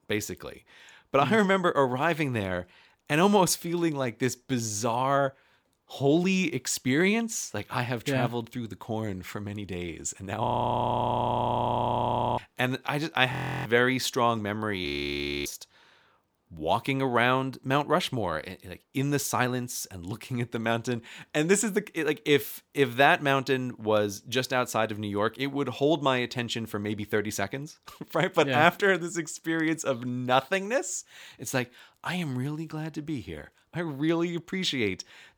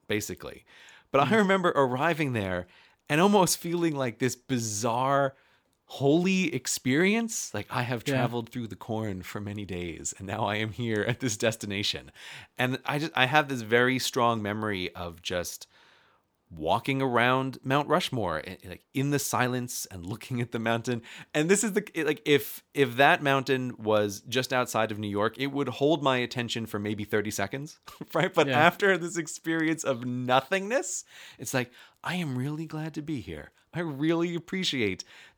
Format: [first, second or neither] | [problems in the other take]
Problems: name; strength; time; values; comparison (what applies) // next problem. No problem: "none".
second | audio freezing; at 10 s for 2 s, at 13 s and at 15 s for 0.5 s